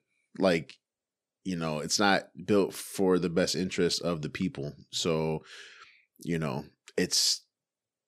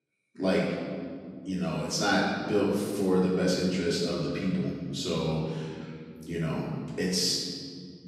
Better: first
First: none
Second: room echo; strong; dies away in 2.5 s // off-mic speech; far

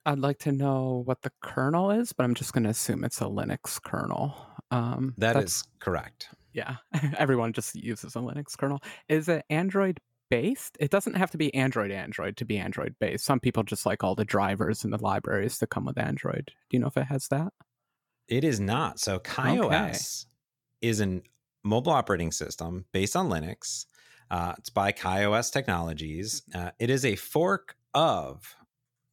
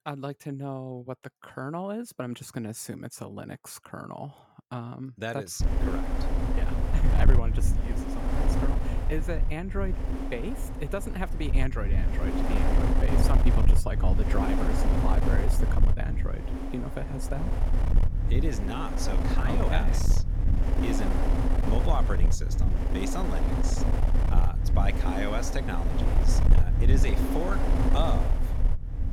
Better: first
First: none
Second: wind noise on the microphone; heavy; from 5.5 s on; as loud as the speech

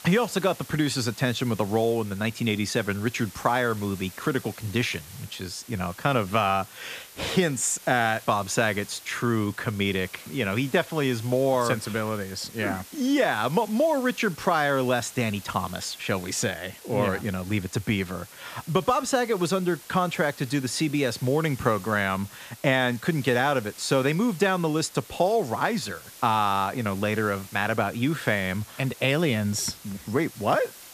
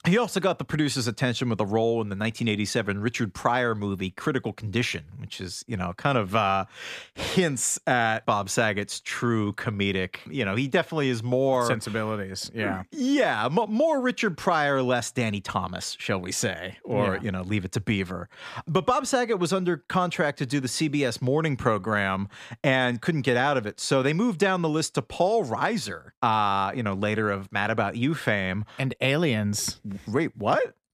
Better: second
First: hiss; noticeable; throughout; 20 dB below the speech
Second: none

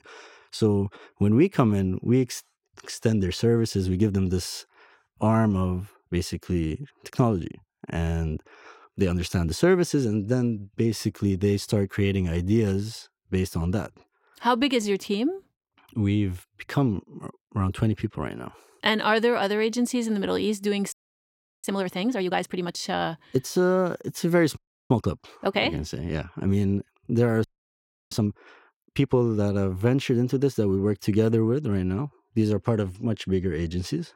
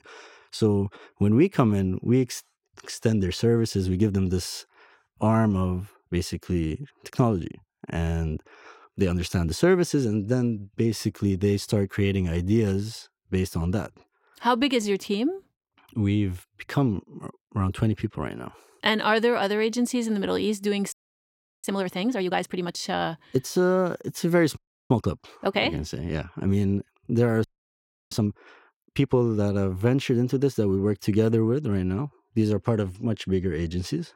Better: neither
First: audio freezing; at 21 s for 0.5 s, at 25 s and at 27 s for 0.5 s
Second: audio freezing; at 21 s for 0.5 s, at 25 s and at 27 s for 0.5 s

